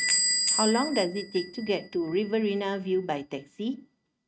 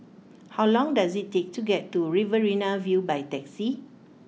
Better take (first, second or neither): second